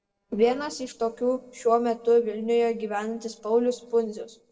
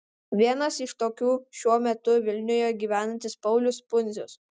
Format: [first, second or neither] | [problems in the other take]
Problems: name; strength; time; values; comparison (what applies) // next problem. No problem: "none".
second | noise reduction (neural separator model SepFormer DNS4)